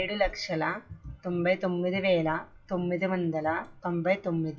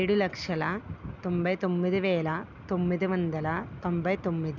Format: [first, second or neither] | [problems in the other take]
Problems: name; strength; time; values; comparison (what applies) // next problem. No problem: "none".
second | noise reduction (classical method WPE with log-MMSE)